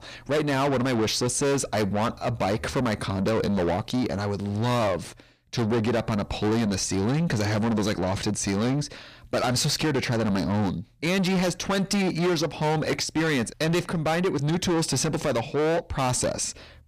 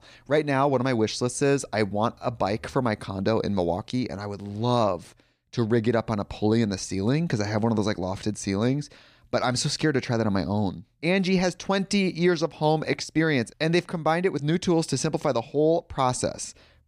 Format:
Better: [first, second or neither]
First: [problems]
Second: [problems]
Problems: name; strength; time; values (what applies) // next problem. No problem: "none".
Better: second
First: distortion; heavy; 6 dB below the speech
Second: none